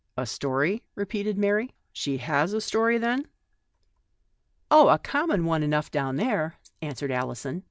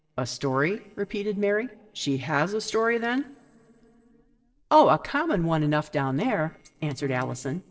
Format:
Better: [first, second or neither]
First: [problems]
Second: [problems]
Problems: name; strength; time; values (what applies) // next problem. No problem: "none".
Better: first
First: none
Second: noise reduction (neural separator model SepFormer DNS4)